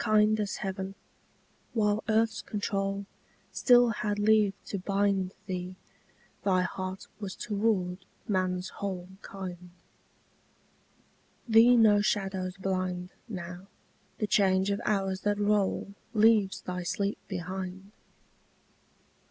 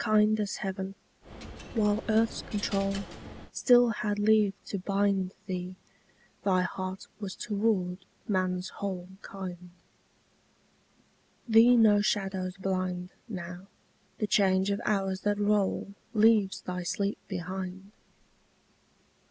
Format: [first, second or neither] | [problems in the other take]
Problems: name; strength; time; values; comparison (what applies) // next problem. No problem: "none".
first | background sound (Coin (dropping)); 13 dB below the speech